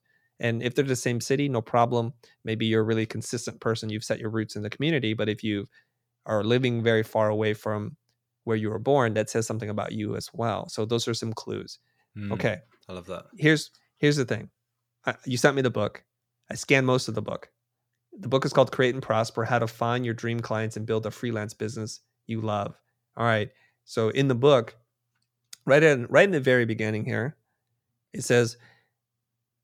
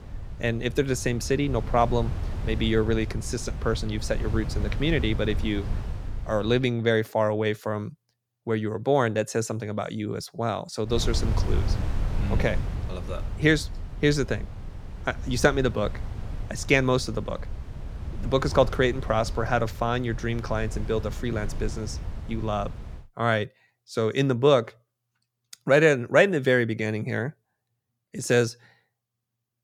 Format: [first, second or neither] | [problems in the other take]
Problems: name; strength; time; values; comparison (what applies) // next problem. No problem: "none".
first | wind noise on the microphone; occasional gusts; until 6.5 s and from 11 to 23 s; 20 dB below the speech